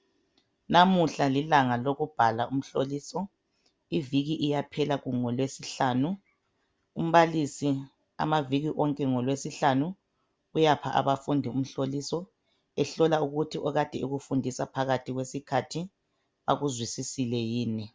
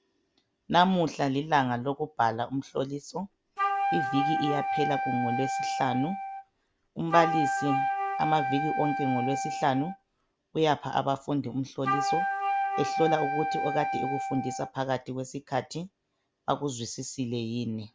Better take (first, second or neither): first